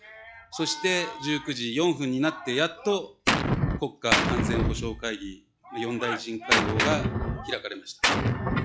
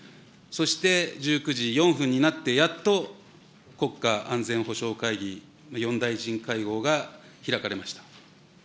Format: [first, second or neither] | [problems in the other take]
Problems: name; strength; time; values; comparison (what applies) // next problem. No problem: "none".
second | noise reduction (classical method log-MMSE)